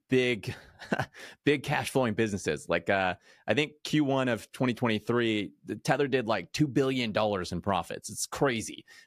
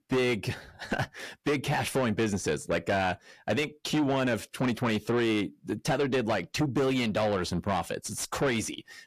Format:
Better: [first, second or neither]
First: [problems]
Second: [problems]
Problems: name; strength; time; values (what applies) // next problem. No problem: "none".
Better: first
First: none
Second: distortion; heavy; 7 dB below the speech